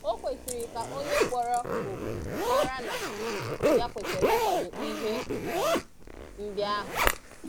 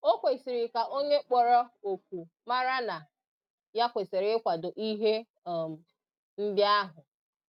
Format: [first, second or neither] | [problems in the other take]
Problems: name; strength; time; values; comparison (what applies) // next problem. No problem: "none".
second | background sound (Zipper (clothing)); 5 dB above the speech